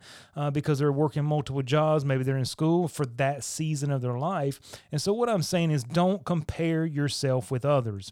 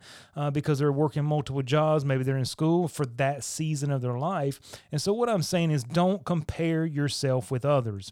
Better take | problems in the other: neither | none

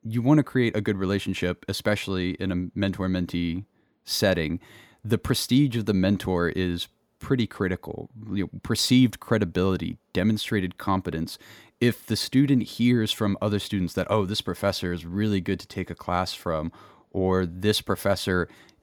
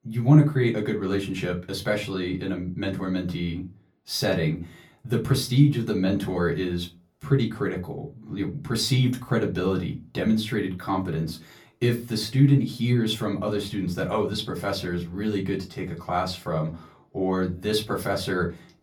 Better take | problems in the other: first | off-mic speech; far // room echo; very slight; dies away in 0.2 s

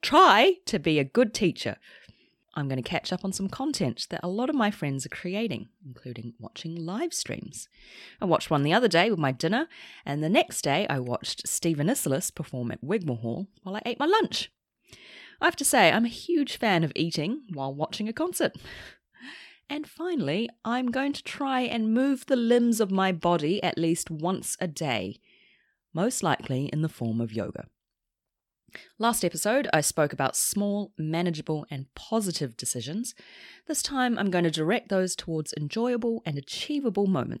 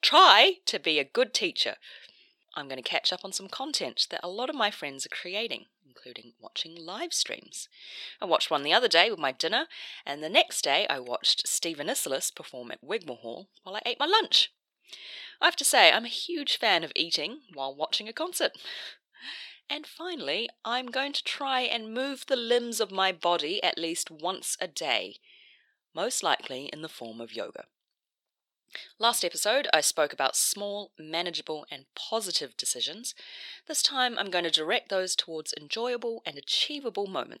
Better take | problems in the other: first | thin; somewhat; fading below 550 Hz

